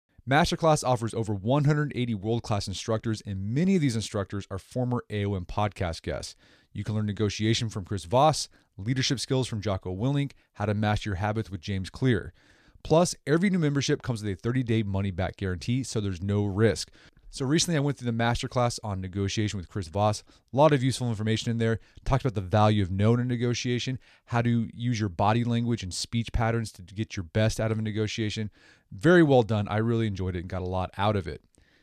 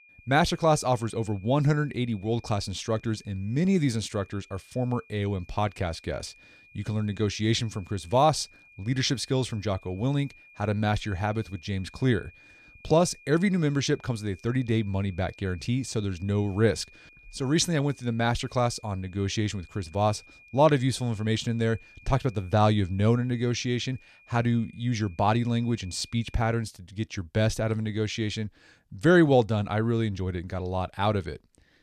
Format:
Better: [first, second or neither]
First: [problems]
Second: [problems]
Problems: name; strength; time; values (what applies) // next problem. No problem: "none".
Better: first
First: none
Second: high-pitched whine; faint; until 26 s; 2.5 kHz, 25 dB below the speech